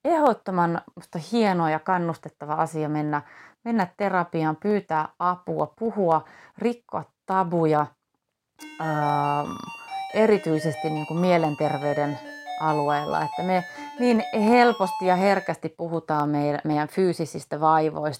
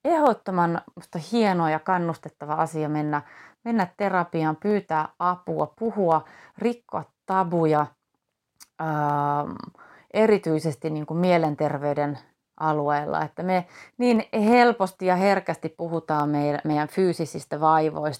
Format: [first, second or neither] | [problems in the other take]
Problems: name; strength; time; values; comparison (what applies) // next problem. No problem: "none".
second | phone ringing; noticeable; from 8.5 to 15 s; peak 7 dB below the speech